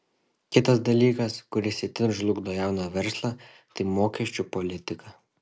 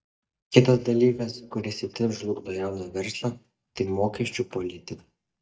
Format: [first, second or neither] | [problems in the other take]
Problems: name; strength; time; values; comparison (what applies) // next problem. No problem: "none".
first | noise reduction (neural mask model DeepFilterNet 3)